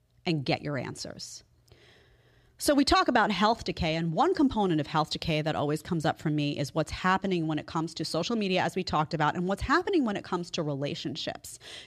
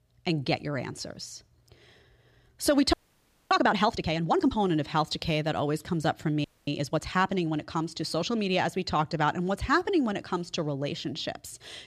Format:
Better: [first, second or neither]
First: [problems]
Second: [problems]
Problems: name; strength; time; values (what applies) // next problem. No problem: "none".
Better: first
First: none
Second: audio freezing; at 3 s for 0.5 s and at 6.5 s